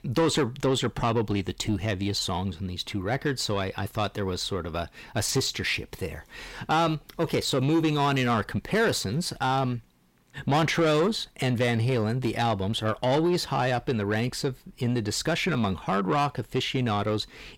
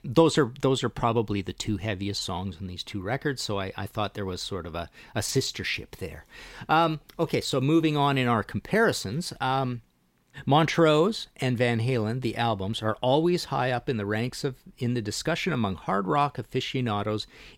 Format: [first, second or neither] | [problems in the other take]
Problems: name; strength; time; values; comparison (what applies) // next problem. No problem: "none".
second | distortion; slight; 10 dB below the speech